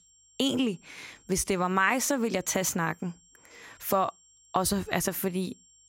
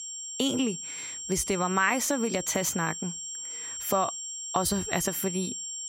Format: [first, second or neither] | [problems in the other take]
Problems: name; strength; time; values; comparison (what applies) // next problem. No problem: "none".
first | high-pitched whine; loud; throughout; 7.5 kHz, 6 dB below the speech; faint in the first